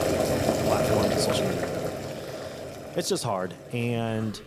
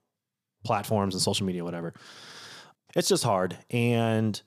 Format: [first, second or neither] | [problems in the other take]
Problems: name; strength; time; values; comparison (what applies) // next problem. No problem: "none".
second | household noises; very loud; throughout; 3 dB above the speech